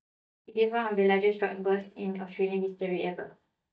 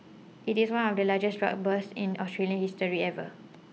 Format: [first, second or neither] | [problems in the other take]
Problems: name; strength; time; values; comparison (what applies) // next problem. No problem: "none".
second | noise reduction (neural mask model DeepFilterNet 3)